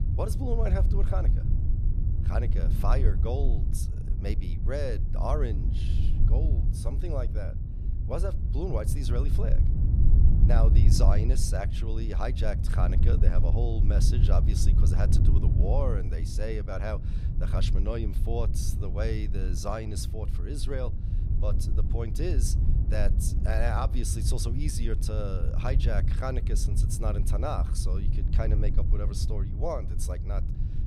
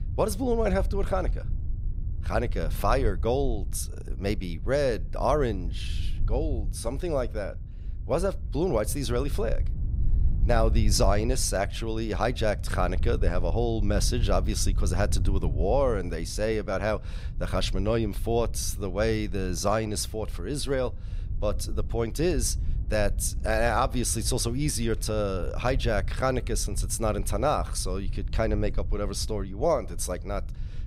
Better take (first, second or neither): second